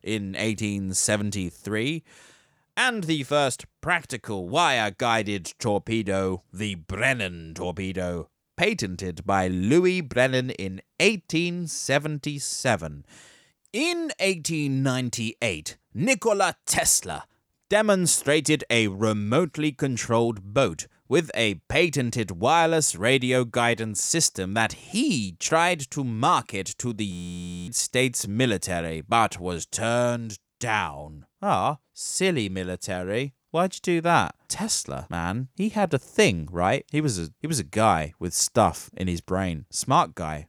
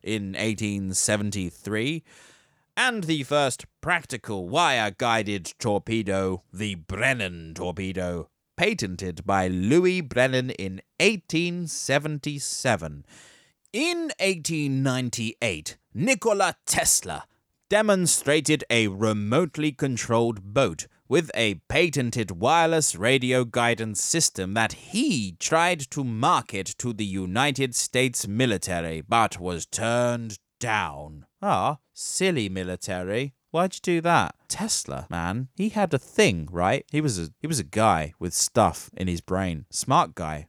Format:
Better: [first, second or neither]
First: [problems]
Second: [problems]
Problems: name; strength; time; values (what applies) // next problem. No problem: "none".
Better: second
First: audio freezing; at 27 s for 0.5 s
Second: none